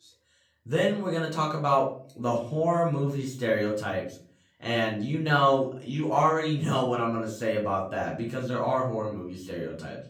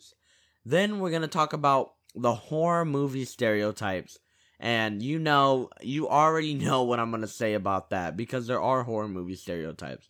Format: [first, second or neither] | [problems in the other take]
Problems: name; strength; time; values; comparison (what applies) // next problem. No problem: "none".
second | off-mic speech; far // room echo; slight; dies away in 0.4 s